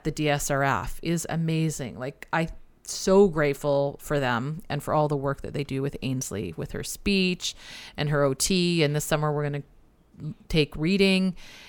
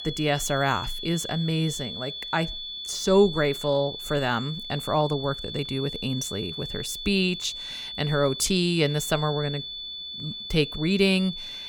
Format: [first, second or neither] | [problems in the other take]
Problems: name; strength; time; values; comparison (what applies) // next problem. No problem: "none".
first | high-pitched whine; loud; throughout; 3.5 kHz, 8 dB below the speech